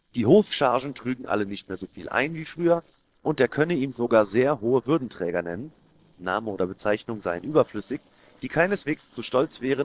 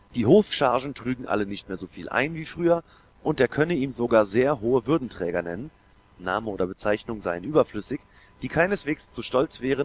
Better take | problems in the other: second | noise reduction (neural separator model SepFormer DNS4)

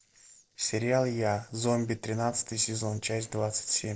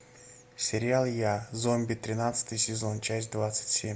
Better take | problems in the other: second | noise reduction (neural separator model SepFormer DNS4)

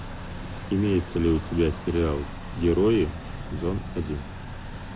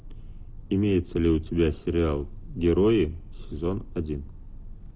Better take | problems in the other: second | background sound (Truck); 11 dB below the speech

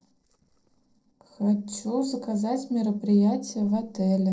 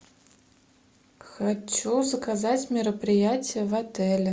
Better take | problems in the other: second | noise reduction (neural separator model SepFormer DNS4)

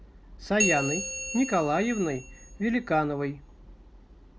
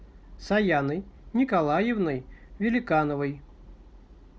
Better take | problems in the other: second | background sound (Bell); 5 dB below the speech

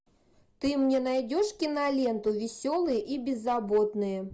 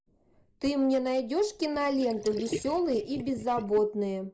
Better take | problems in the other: first | noise reduction (neural mask model Resemble Enhance denoiser)

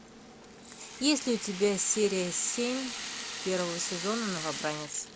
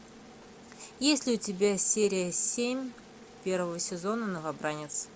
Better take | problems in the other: second | background sound (Rattle (instrument)); 9 dB below the speech

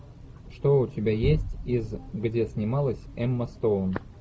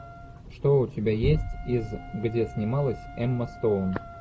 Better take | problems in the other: first | background sound (Wind instrument, woodwind instrument); 20 dB below the speech

